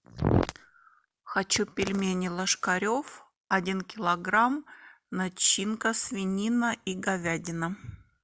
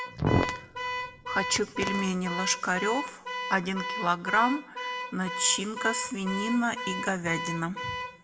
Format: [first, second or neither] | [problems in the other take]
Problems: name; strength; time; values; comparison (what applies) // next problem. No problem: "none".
first | background sound (Alarm / Car); 6 dB below the speech // room echo; dies away in 1 s